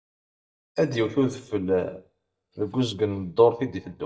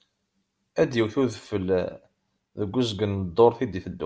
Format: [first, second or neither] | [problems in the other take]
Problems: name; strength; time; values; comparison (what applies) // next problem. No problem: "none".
second | noise reduction (neural mask model DeepFilterNet 3)